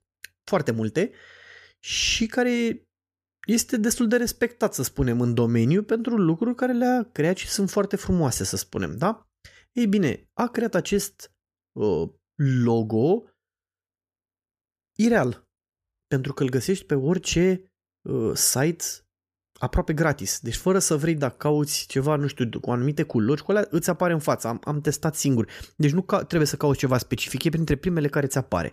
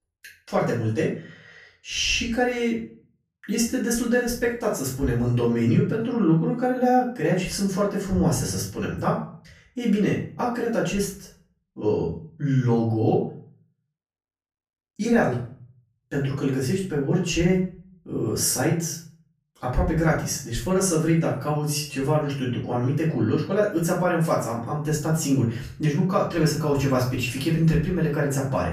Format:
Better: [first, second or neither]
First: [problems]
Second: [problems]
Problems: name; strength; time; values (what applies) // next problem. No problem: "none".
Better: first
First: none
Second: off-mic speech; far // room echo; slight; dies away in 0.4 s